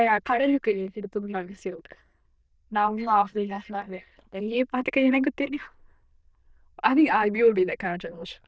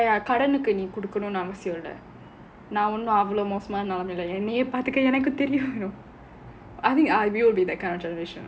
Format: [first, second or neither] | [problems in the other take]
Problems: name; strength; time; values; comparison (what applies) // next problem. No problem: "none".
second | noise reduction (neural diffusion model UNIVERSE++)